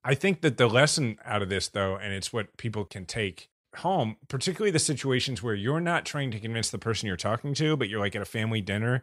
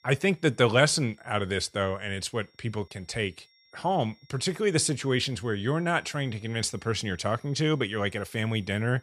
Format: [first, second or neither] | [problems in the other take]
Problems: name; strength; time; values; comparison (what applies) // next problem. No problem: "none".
first | high-pitched whine; faint; throughout; 5.5 kHz, 35 dB below the speech